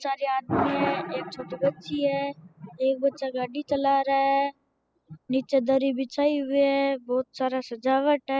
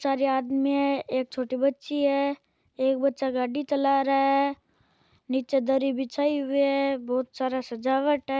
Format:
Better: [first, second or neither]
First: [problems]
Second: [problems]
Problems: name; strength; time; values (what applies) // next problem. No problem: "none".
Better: second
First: noise reduction (classical method spectral subtraction)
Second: none